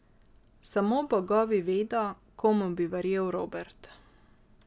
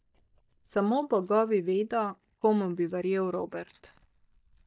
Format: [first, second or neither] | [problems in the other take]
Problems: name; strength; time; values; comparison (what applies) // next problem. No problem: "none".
first | noise reduction (neural mask model DeepFilterNet 3)